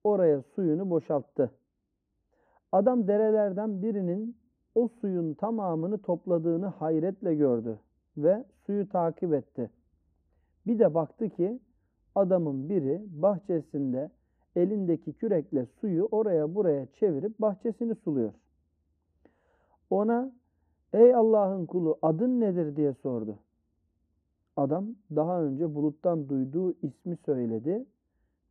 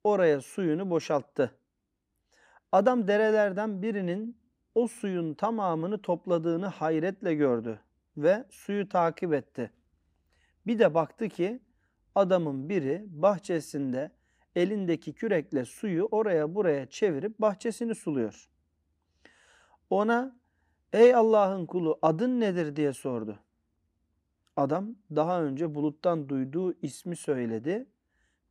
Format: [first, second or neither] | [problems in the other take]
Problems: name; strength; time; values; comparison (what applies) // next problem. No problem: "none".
second | muffled; very; fading above 1.5 kHz